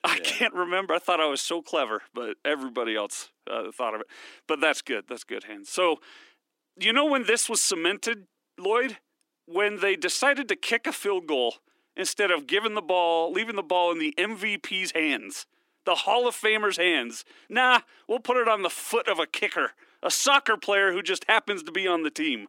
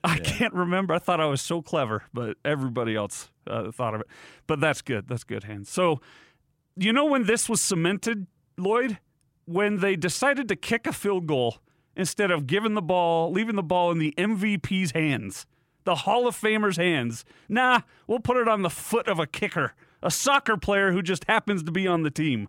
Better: second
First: thin; somewhat; fading below 250 Hz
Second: none

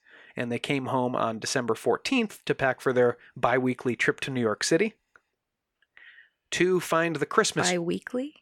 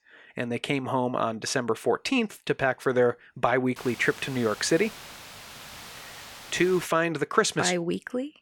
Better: first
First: none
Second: hiss; noticeable; from 4 to 7 s; 15 dB below the speech

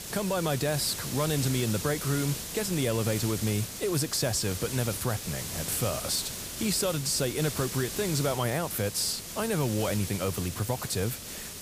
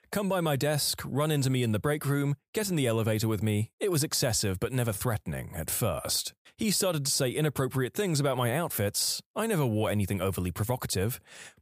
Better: second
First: hiss; loud; throughout; 6 dB below the speech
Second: none

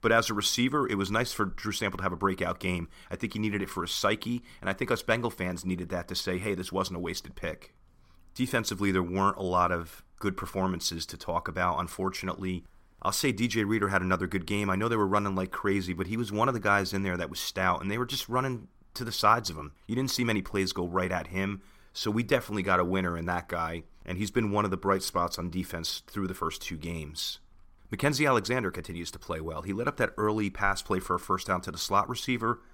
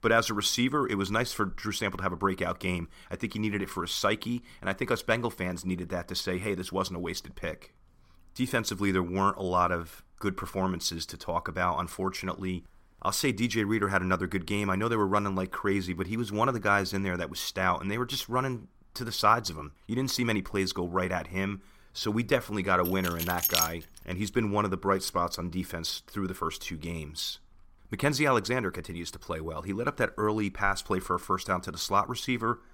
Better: first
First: none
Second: jangling keys; loud; at 23 s; peak 4 dB above the speech

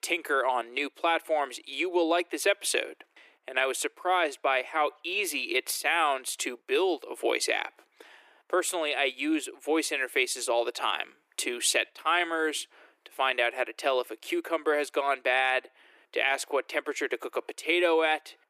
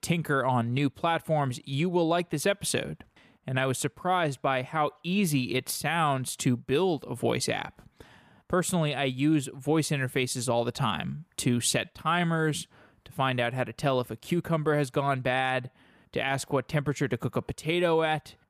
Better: second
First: thin; very; fading below 350 Hz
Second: none

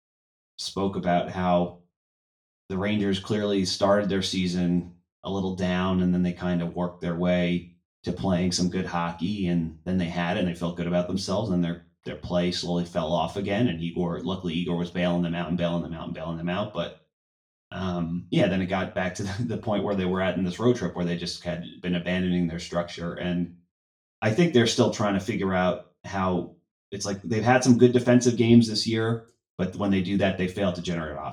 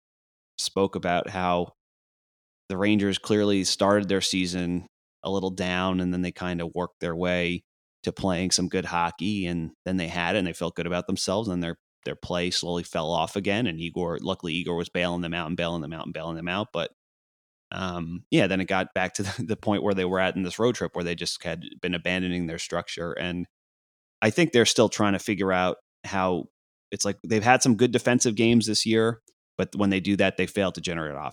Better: second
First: room echo; very slight; dies away in 0.3 s // off-mic speech; far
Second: none

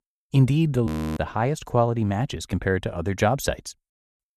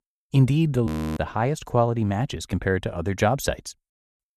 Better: neither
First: audio freezing; at 1 s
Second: audio freezing; at 1 s

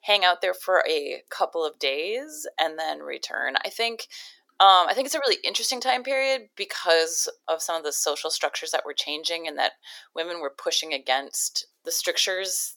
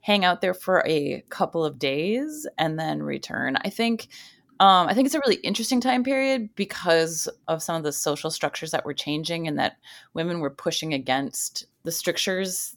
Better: second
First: thin; very; fading below 450 Hz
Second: none

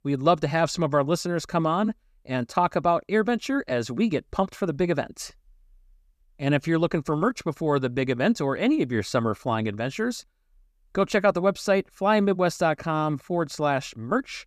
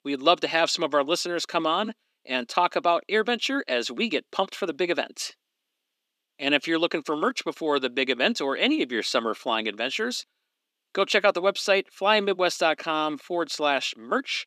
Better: first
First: none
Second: thin; very slightly; fading below 250 Hz

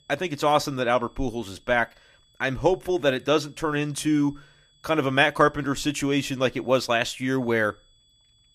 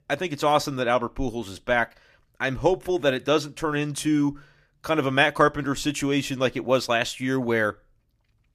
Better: second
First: high-pitched whine; faint; throughout; 3.5 kHz, 35 dB below the speech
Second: none

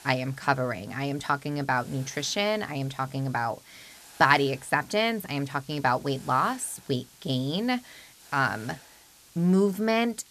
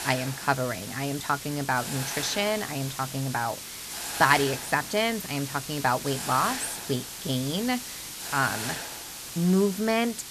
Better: first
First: hiss; faint; throughout; 25 dB below the speech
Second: hiss; loud; throughout; 7 dB below the speech

